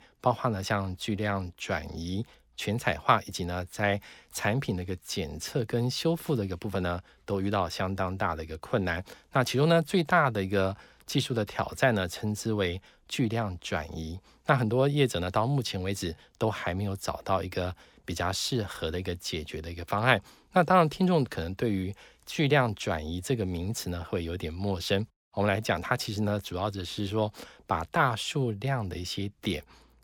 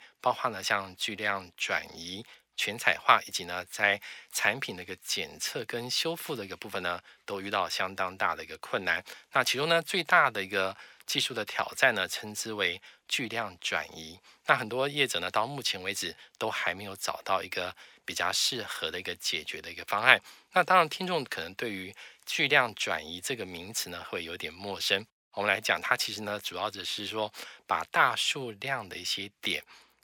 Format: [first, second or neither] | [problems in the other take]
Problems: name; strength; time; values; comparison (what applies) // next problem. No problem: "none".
first | thin; somewhat; fading below 1 kHz